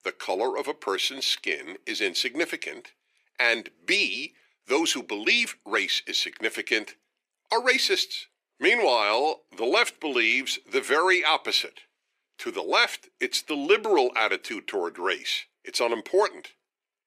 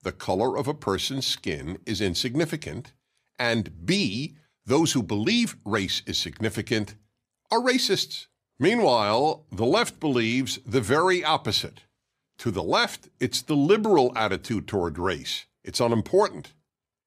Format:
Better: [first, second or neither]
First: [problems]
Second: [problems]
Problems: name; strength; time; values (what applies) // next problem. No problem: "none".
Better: second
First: thin; somewhat; fading below 350 Hz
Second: none